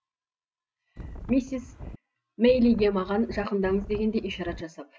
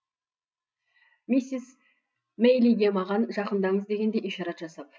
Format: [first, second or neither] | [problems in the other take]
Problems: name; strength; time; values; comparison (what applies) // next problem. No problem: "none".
second | background sound (Wind); 13 dB below the speech